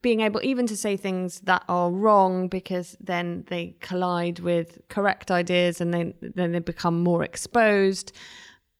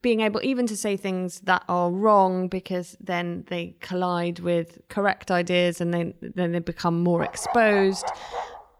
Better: first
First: none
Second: dog barking; noticeable; from 7 s on; peak 7 dB below the speech

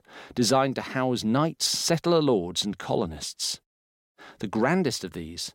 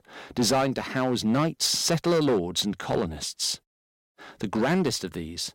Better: first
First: none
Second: distortion; slight; 6% of the sound clipped

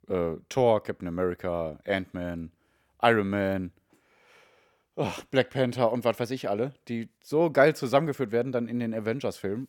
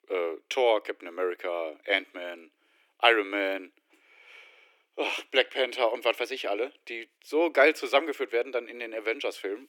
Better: first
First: none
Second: thin; somewhat; fading below 300 Hz

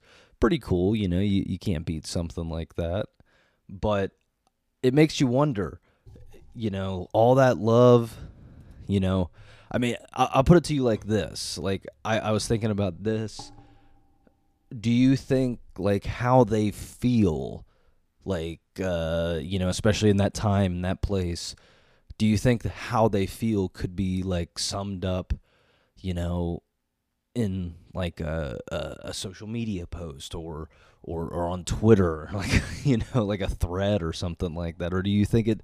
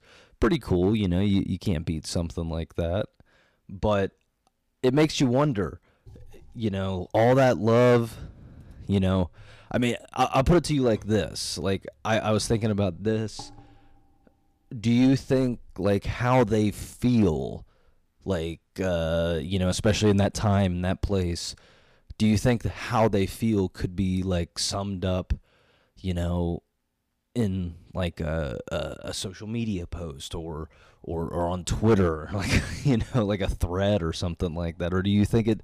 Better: first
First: none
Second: distortion; slight; 3% of the sound clipped

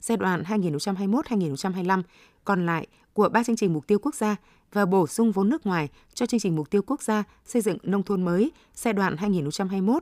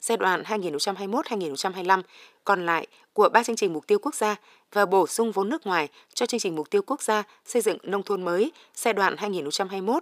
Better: first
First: none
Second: thin; somewhat; fading below 500 Hz

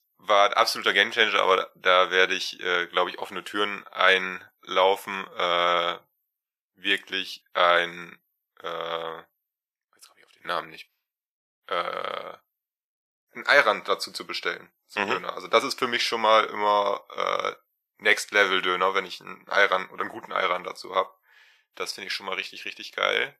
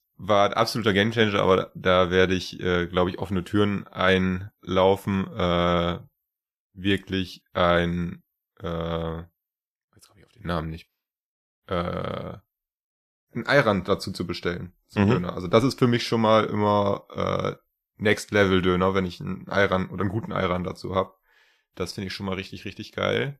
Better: second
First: thin; very; fading below 650 Hz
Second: none

